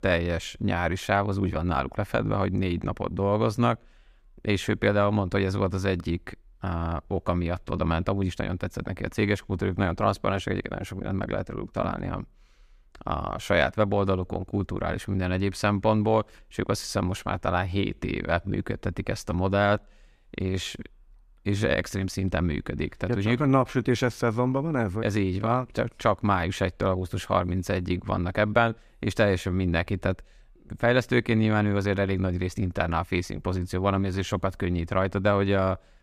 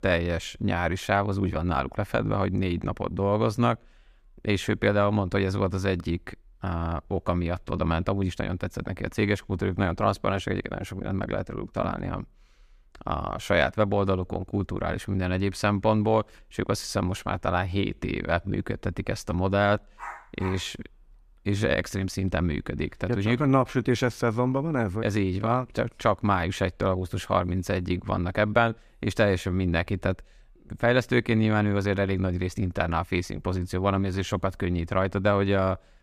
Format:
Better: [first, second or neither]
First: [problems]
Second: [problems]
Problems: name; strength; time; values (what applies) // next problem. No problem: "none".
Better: first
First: none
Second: dog barking; faint; at 20 s; peak 15 dB below the speech